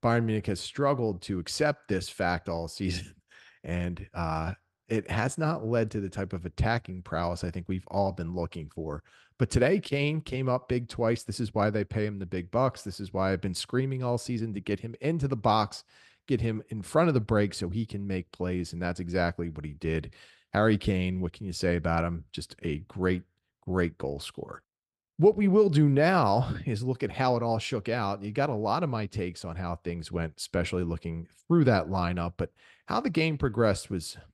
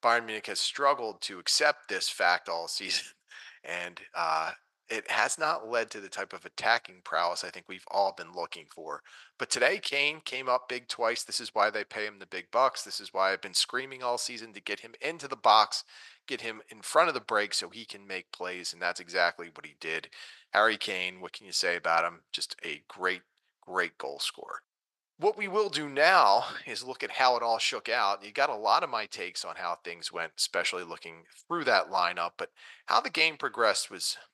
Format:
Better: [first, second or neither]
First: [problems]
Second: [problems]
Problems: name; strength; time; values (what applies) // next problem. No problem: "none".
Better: first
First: none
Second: thin; very; fading below 900 Hz